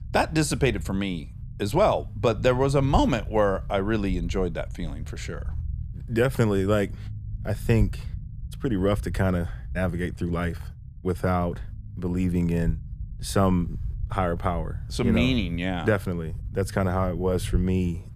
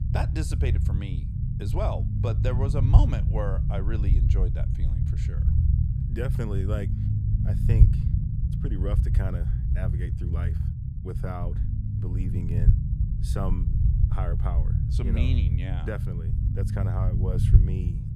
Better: first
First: low rumble; faint; throughout; 25 dB below the speech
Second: low rumble; loud; throughout; 2 dB below the speech

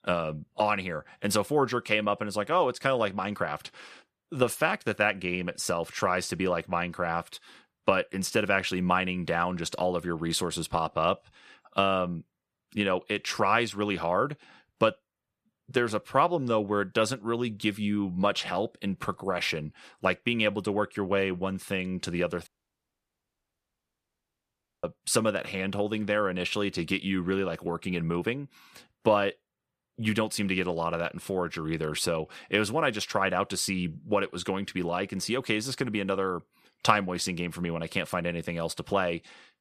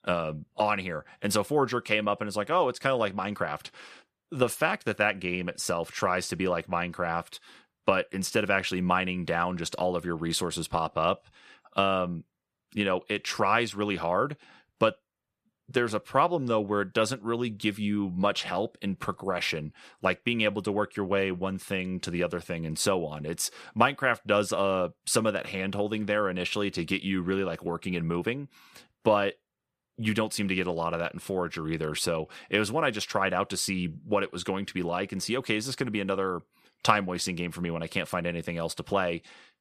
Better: second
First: audio cutting out; at 22 s for 2.5 s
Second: none

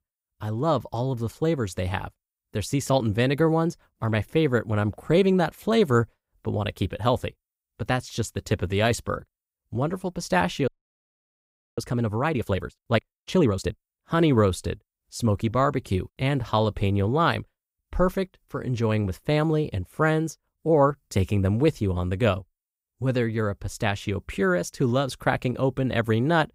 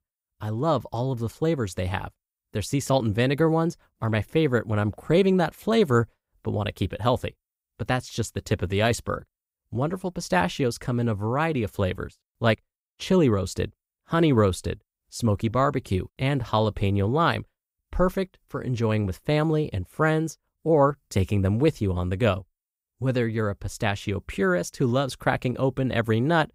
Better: second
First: audio freezing; at 11 s for 1 s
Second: none

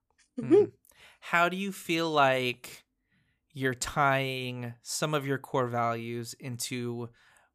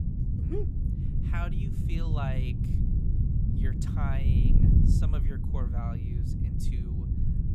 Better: first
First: none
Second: wind noise on the microphone; heavy; 1 dB above the speech

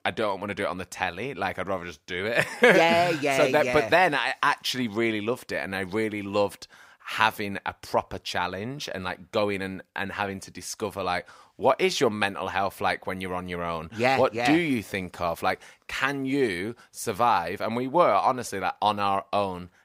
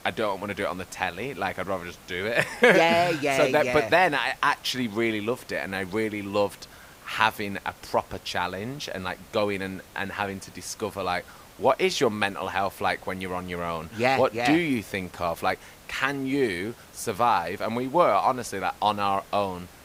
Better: first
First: none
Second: hiss; faint; throughout; 25 dB below the speech

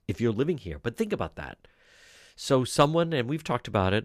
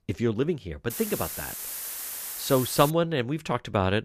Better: first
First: none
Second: hiss; loud; from 1 to 3 s; 6 dB below the speech

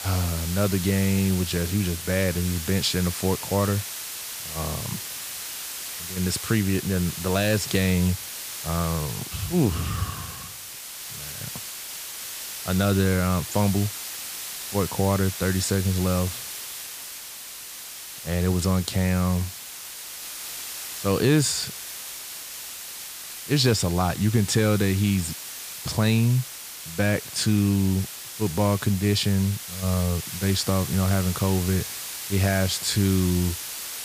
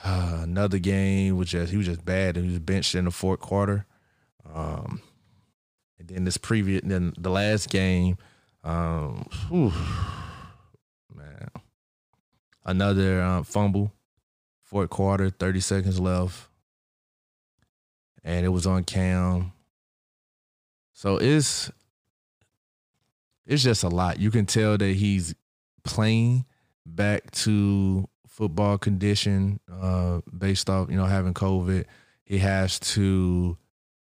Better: second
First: hiss; loud; throughout; 8 dB below the speech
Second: none

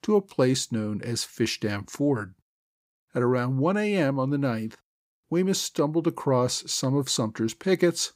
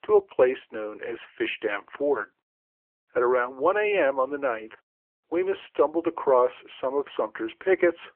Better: first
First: none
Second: phone-call audio; nothing above 3 kHz

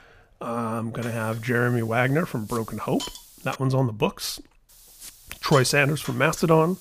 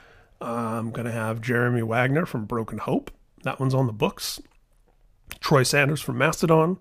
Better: second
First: hiss; noticeable; from 1 to 3.5 s and from 4.5 s on; 15 dB below the speech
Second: none

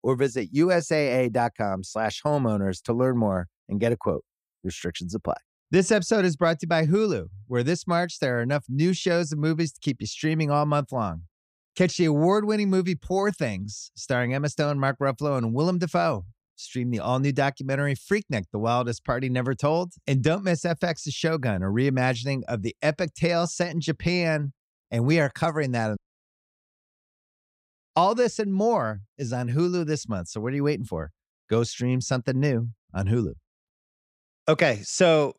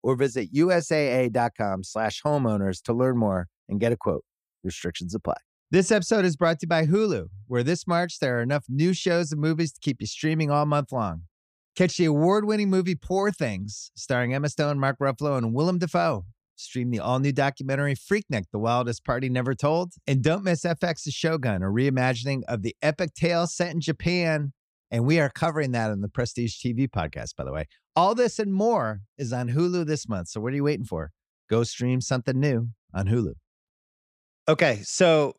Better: second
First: audio cutting out; at 26 s for 2 s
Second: none

